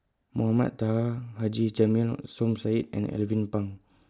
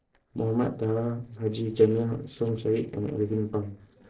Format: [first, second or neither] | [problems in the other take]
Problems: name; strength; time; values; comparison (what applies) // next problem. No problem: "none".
first | noise reduction (neural separator model SepFormer DNS4)